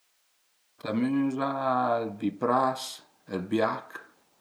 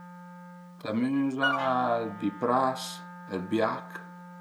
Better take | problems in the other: first | background sound (Wind instrument, woodwind instrument); 9 dB below the speech

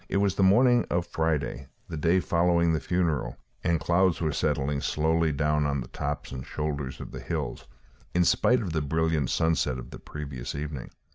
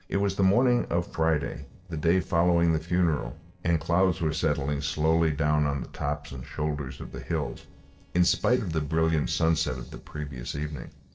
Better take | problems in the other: first | noise reduction (neural separator model SepFormer DNS4)

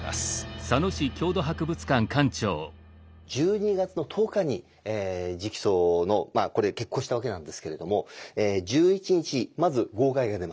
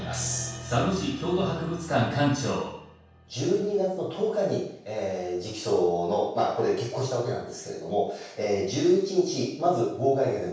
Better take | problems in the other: first | room echo; dies away in 0.7 s

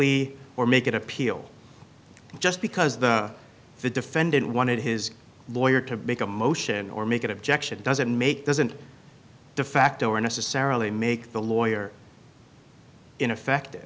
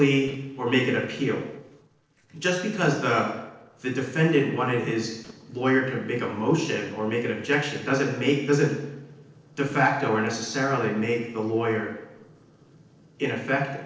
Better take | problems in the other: first | noise reduction (neural separator model SepFormer DNS4)

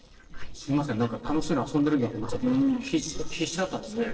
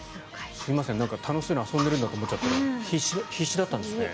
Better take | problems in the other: second | noise reduction (neural separator model SepFormer DNS4)

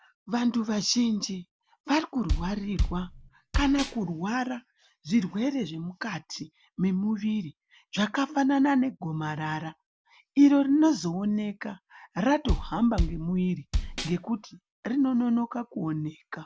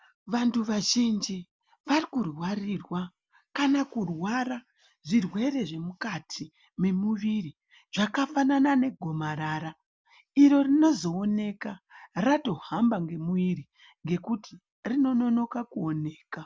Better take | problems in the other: second | background sound (Bass drum); 3 dB below the speech

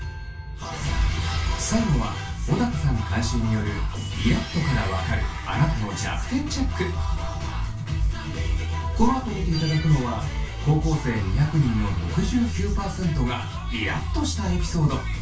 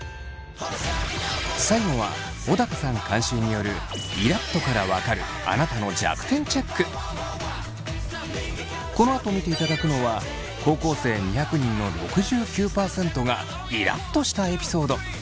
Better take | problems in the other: second | room echo; dies away in 0.2 s

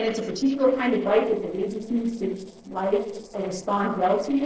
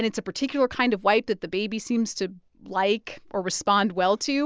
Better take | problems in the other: second | noise reduction (neural separator model SepFormer DNS4)

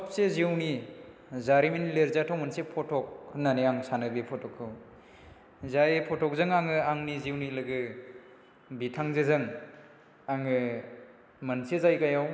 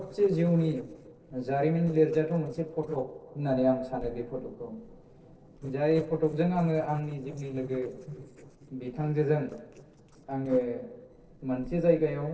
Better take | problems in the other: first | noise reduction (neural separator model SepFormer DNS4)

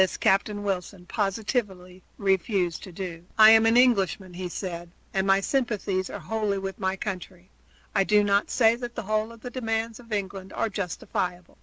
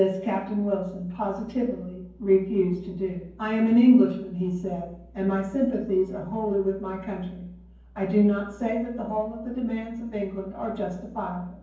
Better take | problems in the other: first | room echo; dies away in 0.9 s

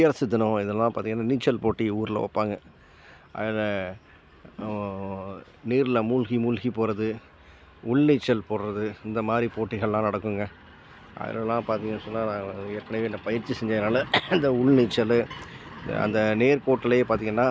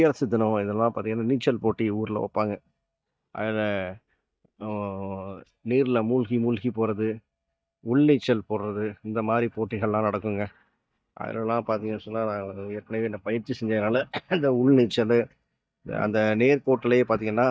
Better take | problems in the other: first | noise reduction (neural mask model DeepFilterNet 3)

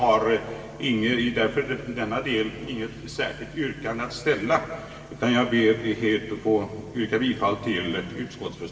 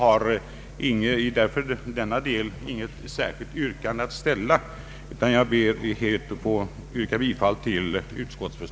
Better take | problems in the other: second | room echo; dies away in 2.2 s

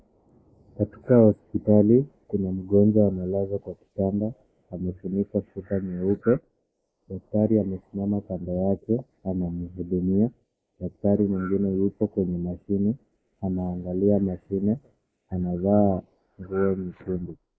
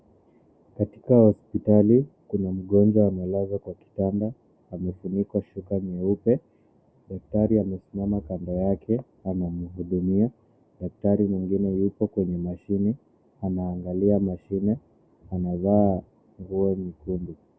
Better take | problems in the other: second | noise reduction (neural mask model Resemble Enhance denoiser)

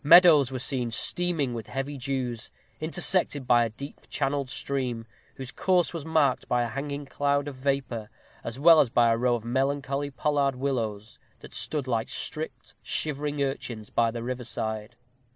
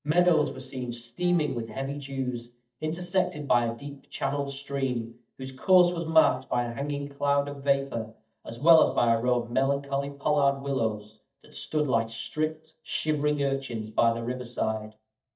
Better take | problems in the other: first | noise reduction (neural mask model DeepFilterNet 3)

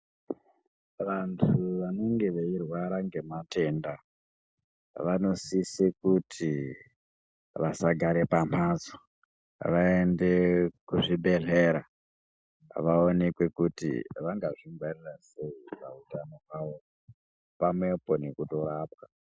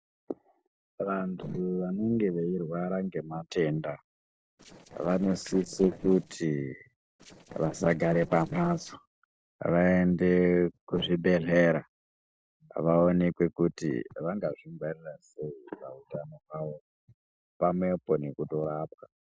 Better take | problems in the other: first | noise reduction (neural separator model SepFormer DNS4)

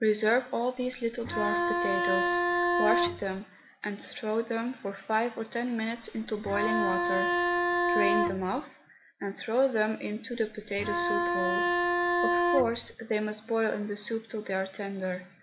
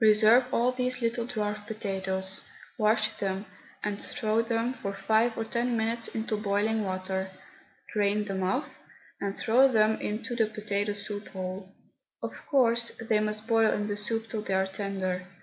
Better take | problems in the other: second | background sound (Bowed string instrument); 3 dB above the speech

